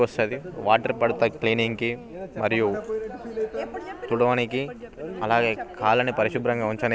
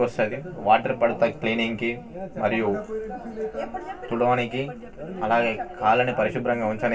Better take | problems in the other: first | room echo; dies away in 0.2 s

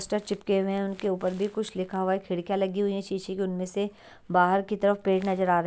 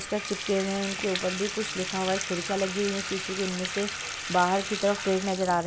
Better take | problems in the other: first | background sound (Bathtub (filling or washing) / Water tap, faucet); 6 dB below the speech

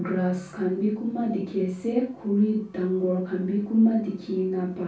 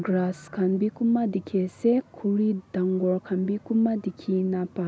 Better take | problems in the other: second | room echo; dies away in 0.3 s

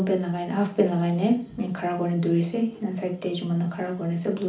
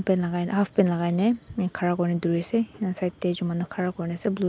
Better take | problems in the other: second | room echo; dies away in 0.4 s

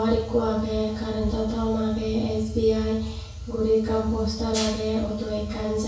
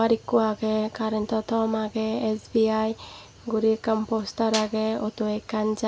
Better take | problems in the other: second | room echo; dies away in 0.6 s

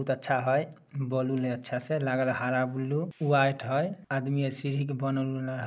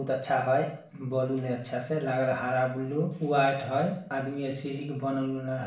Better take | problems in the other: first | room echo; dies away in 0.6 s

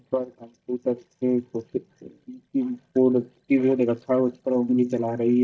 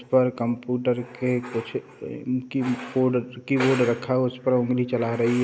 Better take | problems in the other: second | noise reduction (neural mask model DeepFilterNet 3)

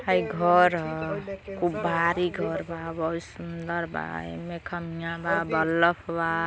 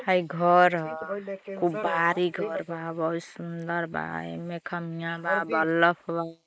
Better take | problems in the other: first | noise reduction (neural mask model Resemble Enhance denoiser)

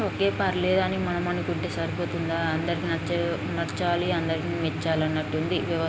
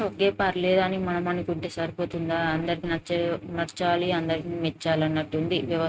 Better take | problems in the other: first | noise reduction (neural mask model RNNoise)

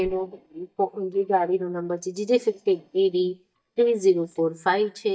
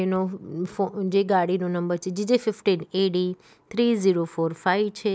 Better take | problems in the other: second | noise reduction (neural mask model DeepFilterNet 3)

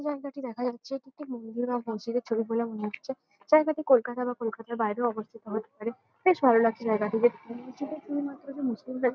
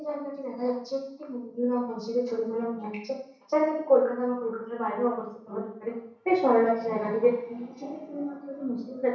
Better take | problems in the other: first | room echo; dies away in 0.7 s

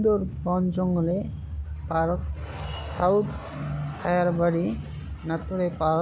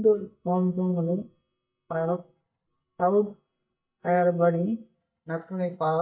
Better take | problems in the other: first | noise reduction (neural mask model DeepFilterNet 3)

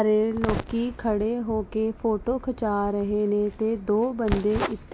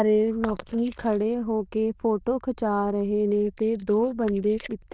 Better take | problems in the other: first | noise reduction (neural diffusion model UNIVERSE++)

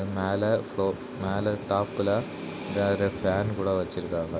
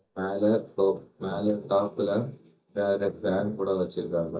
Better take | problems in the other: first | noise reduction (neural mask model DeepFilterNet 3)

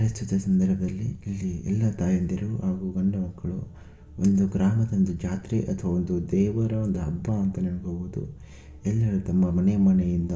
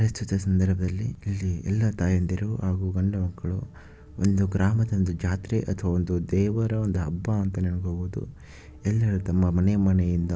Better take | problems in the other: second | room echo; dies away in 0.6 s

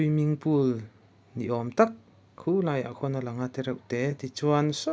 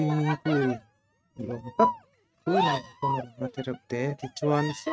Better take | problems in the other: first | noise reduction (neural mask model RNNoise)

